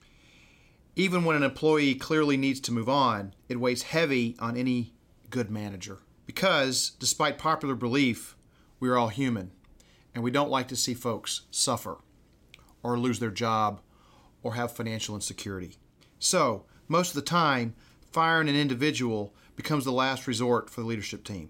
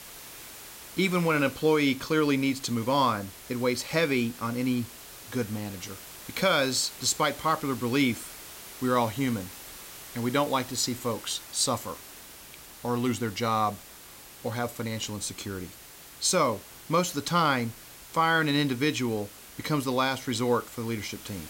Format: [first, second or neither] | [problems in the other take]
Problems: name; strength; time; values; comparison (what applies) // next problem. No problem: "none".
first | hiss; noticeable; throughout; 15 dB below the speech